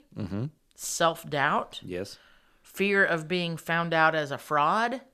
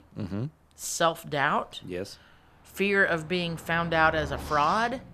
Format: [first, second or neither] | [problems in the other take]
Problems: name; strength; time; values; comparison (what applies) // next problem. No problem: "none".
first | traffic noise; noticeable; throughout; 15 dB below the speech